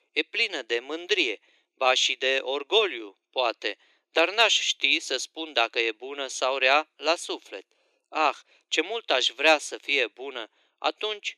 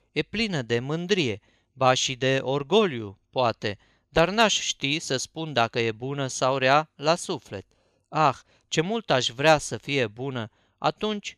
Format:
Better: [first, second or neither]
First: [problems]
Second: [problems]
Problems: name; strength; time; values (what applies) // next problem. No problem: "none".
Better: second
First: thin; very; fading below 300 Hz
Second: none